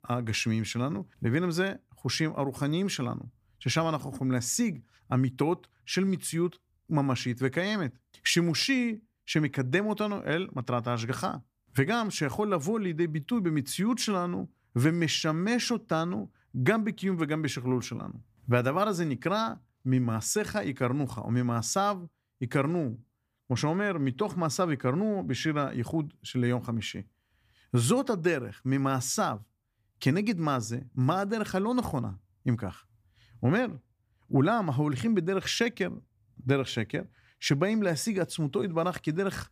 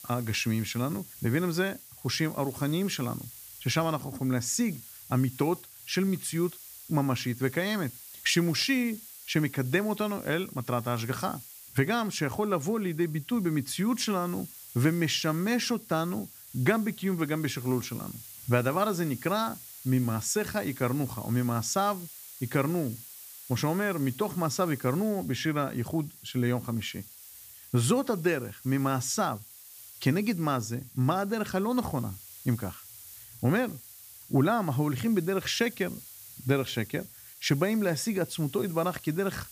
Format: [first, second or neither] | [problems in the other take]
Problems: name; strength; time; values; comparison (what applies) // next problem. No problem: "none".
first | hiss; noticeable; throughout; 15 dB below the speech